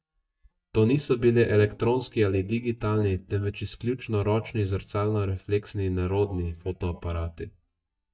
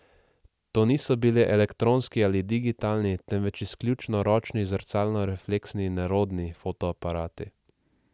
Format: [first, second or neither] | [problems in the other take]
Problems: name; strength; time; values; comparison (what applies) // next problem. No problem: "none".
second | noise reduction (neural mask model DeepFilterNet 3)